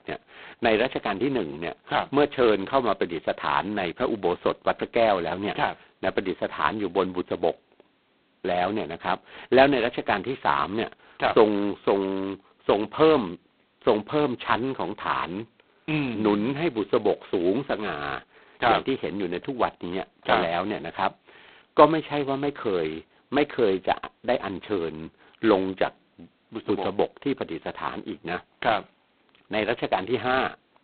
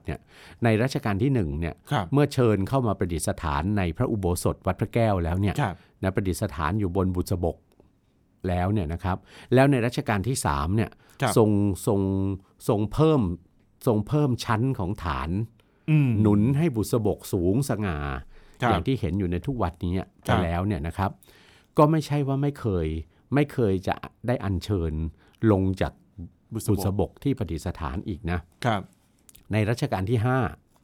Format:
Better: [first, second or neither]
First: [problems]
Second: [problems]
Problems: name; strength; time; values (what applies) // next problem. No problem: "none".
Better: second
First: phone-call audio; poor line; nothing above 4 kHz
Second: none